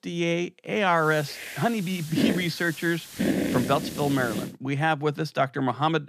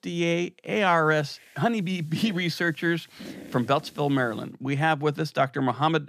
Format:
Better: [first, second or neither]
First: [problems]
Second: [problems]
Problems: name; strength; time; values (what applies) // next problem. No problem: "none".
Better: second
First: hiss; loud; from 1 to 4.5 s; 5 dB below the speech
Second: hiss; faint; from 1 to 4.5 s; 20 dB below the speech